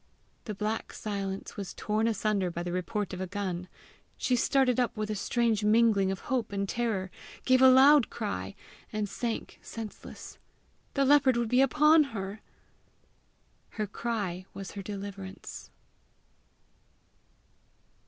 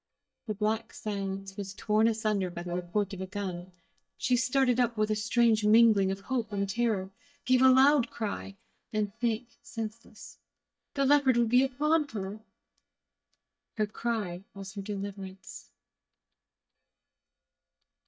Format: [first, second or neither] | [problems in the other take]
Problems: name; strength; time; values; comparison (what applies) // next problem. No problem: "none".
first | noise reduction (neural mask model DeepFilterNet 3)